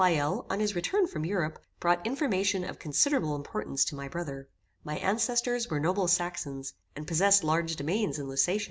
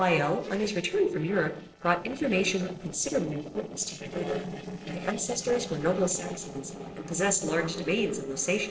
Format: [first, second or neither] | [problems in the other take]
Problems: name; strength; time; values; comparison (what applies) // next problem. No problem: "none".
first | noise reduction (neural separator model SepFormer DNS4)